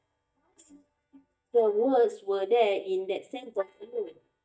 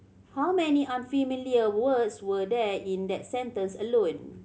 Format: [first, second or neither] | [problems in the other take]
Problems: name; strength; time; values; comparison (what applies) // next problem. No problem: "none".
second | noise reduction (neural mask model DeepFilterNet 3)